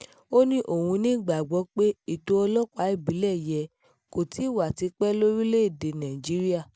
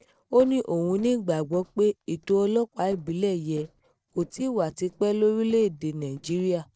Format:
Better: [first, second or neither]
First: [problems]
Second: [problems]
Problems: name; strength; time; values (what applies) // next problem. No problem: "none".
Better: first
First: none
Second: noise reduction (neural separator model SepFormer DNS4)